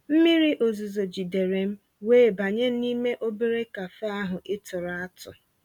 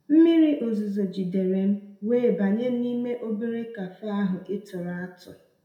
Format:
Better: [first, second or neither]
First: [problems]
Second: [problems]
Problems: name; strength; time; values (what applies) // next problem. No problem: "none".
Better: first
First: none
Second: room echo; dies away in 0.6 s